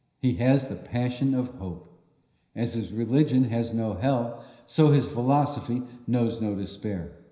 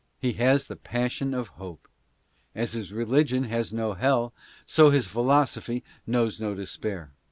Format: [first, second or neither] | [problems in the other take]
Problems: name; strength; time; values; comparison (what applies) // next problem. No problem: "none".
second | room echo; dies away in 0.9 s